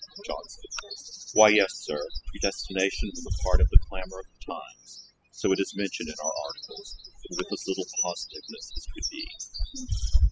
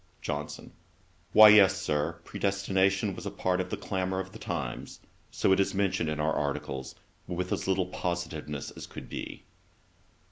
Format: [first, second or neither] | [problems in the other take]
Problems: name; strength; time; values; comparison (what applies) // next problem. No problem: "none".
second | noise reduction (classical method spectral subtraction)